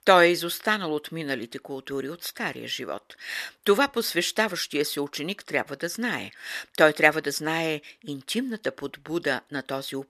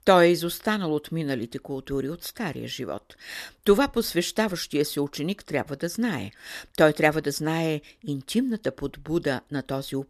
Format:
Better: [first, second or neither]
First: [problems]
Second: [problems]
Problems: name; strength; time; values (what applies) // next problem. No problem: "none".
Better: second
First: thin; very slightly; fading below 750 Hz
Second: none